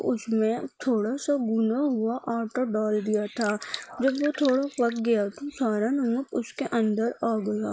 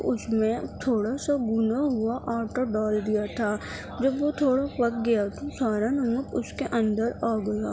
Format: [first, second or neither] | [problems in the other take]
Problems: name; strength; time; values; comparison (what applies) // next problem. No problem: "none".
second | noise reduction (neural mask model Resemble Enhance denoiser)